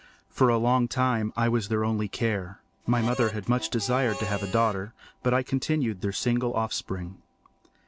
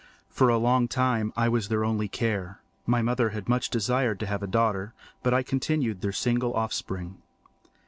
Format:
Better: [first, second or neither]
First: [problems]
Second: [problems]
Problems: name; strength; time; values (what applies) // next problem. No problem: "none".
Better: second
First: background sound (Harmonica); 12 dB below the speech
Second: none